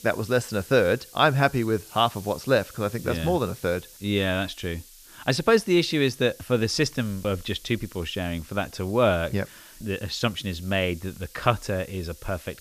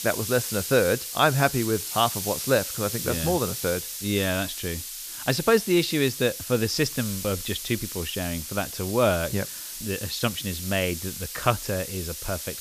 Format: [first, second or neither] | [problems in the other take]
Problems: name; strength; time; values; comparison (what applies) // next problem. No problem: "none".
first | hiss; loud; throughout; 6 dB below the speech; faint in the first